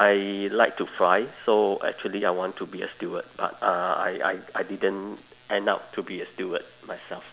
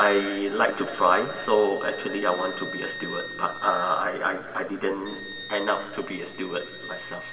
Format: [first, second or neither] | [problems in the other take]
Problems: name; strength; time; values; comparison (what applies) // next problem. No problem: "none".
first | background sound (Wind instrument, woodwind instrument); 14 dB below the speech // room echo; dies away in 2.3 s